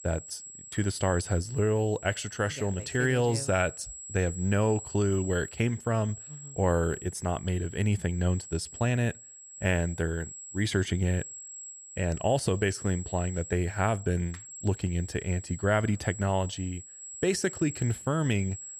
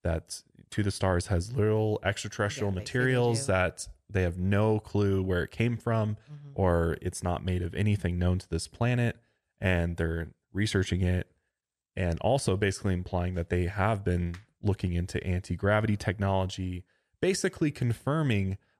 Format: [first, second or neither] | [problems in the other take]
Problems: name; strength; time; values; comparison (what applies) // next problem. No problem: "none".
second | high-pitched whine; noticeable; throughout; 7.5 kHz, 15 dB below the speech